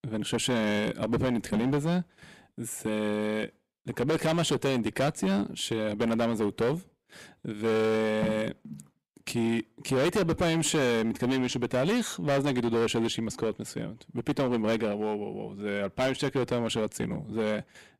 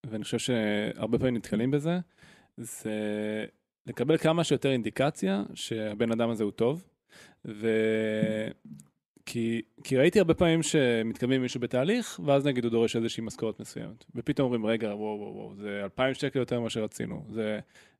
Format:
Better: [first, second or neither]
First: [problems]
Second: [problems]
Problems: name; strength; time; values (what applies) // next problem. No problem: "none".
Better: second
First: distortion; heavy; 13% of the sound clipped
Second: none